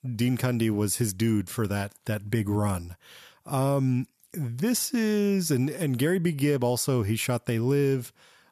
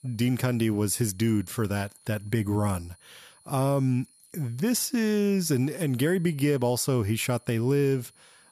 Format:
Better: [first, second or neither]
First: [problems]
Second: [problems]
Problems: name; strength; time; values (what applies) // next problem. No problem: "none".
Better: first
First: none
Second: high-pitched whine; faint; throughout; 10.5 kHz, 30 dB below the speech